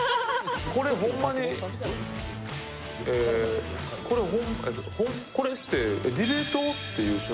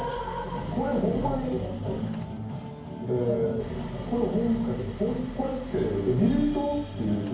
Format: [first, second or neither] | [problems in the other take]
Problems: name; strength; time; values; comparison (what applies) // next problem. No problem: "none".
first | background sound (Idling); 13 dB below the speech // room echo; dies away in 0.9 s